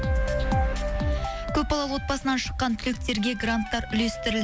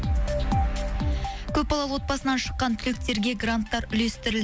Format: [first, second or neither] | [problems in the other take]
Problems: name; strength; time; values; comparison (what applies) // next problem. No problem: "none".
second | background sound (Wind instrument, woodwind instrument); 11 dB below the speech